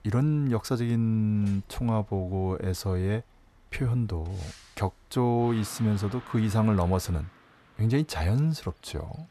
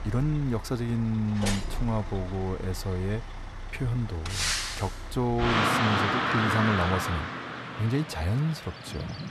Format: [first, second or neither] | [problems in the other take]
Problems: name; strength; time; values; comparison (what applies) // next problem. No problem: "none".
first | traffic noise; loud; throughout; as loud as the speech; faint in the first